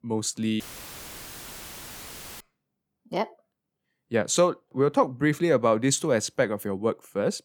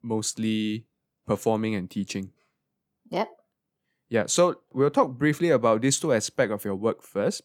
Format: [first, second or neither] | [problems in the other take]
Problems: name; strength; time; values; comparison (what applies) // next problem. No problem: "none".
second | audio cutting out; filled with static; at 0.5 s for 2 s